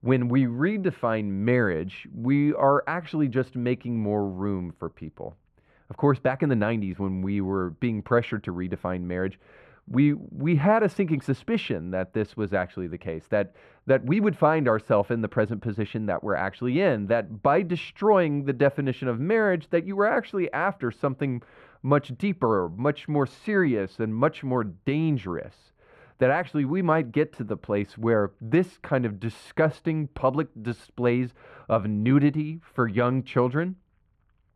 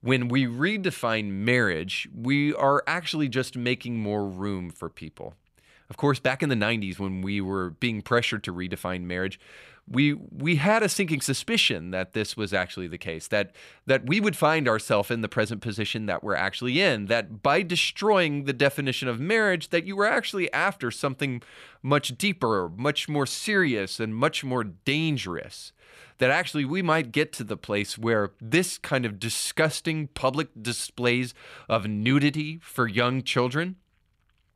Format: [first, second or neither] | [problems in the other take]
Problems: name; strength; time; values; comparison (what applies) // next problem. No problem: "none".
second | muffled; very; fading above 2.5 kHz